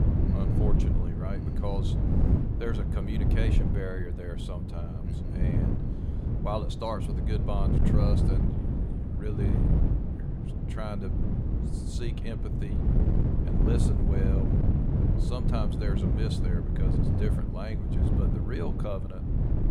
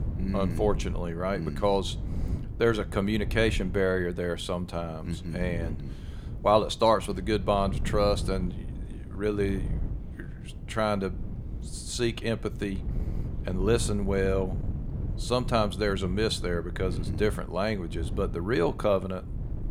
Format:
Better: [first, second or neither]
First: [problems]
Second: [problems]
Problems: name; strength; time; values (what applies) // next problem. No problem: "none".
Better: second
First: wind noise on the microphone; heavy; 1 dB above the speech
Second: wind noise on the microphone; occasional gusts; 20 dB below the speech